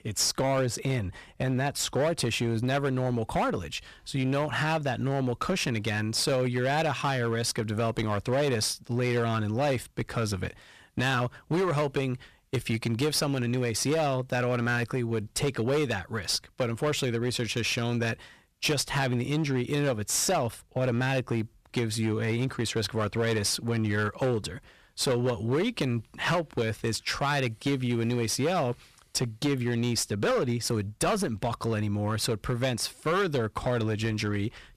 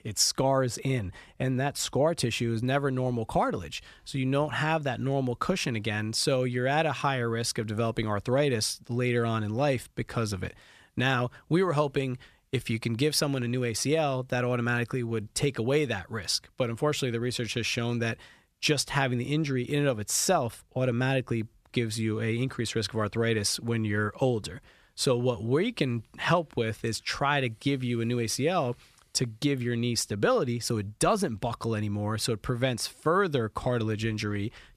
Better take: second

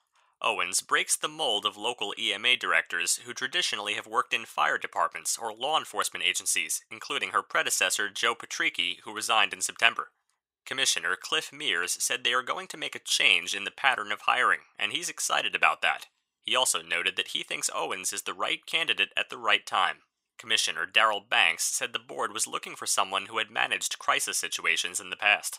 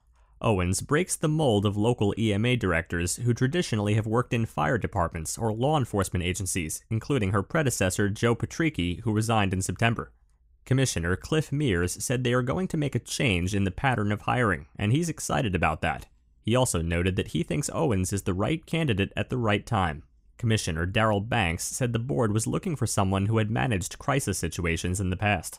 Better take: second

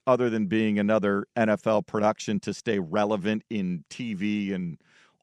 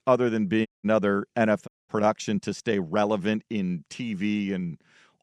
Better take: first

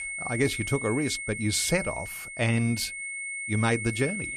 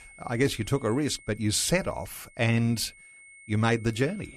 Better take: second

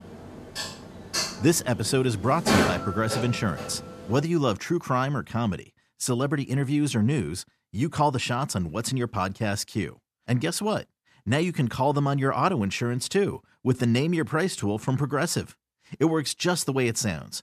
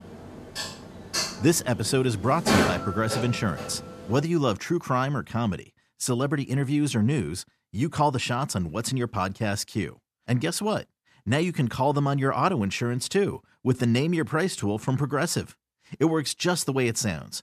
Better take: neither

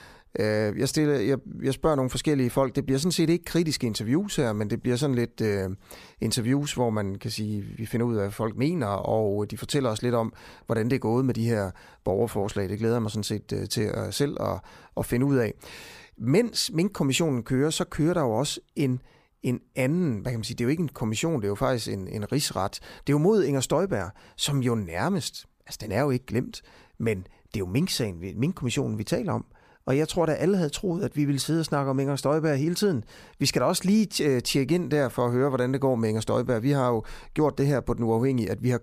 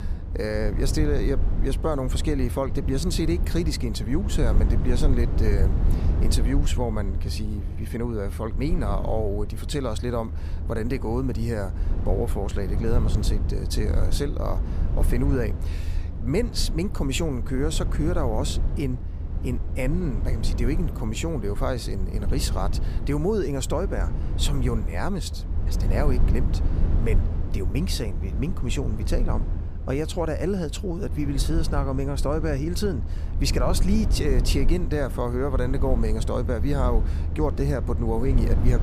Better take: first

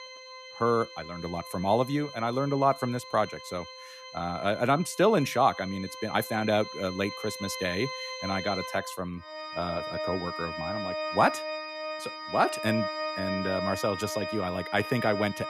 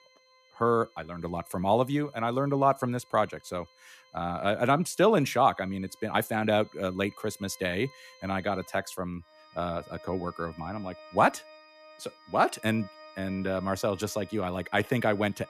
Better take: second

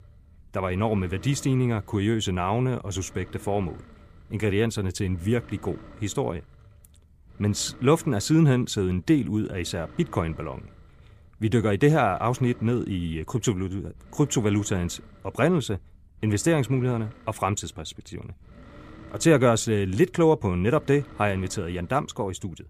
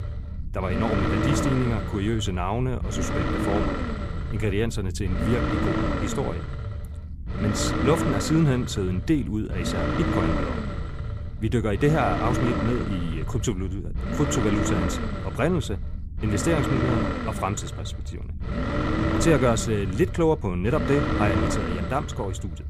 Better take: first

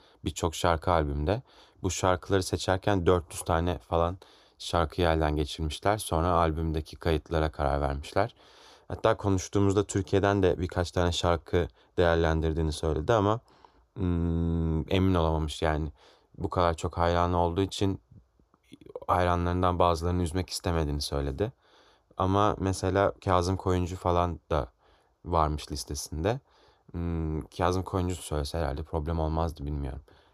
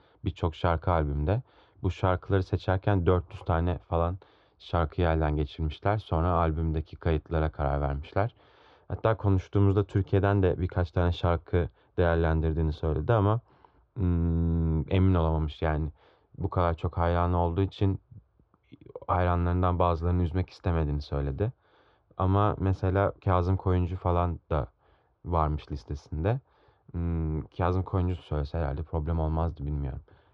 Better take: first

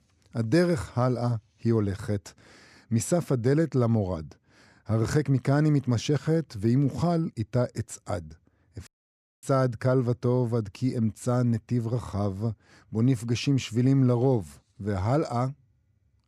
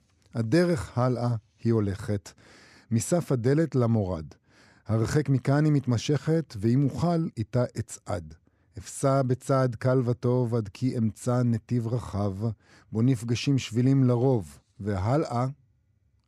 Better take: second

